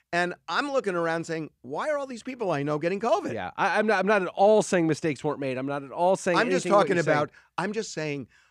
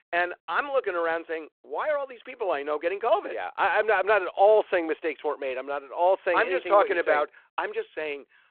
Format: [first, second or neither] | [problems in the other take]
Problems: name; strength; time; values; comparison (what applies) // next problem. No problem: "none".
first | phone-call audio